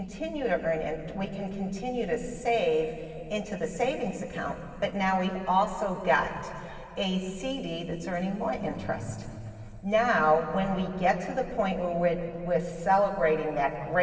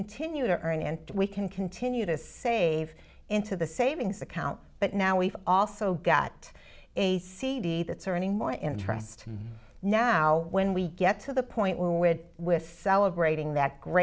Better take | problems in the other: second | room echo; dies away in 2.6 s

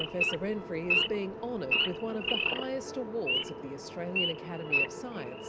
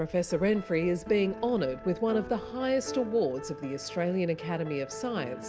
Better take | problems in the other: second | background sound (Idling / Wild animals); 3 dB above the speech

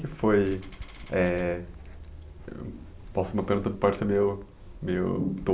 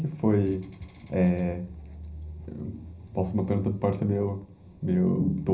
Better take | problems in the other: first | room echo; dies away in 0.4 s

